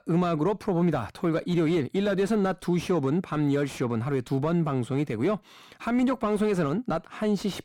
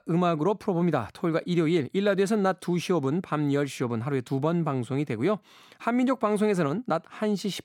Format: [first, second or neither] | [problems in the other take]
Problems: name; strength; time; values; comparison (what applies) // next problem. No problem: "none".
second | distortion; slight; 10 dB below the speech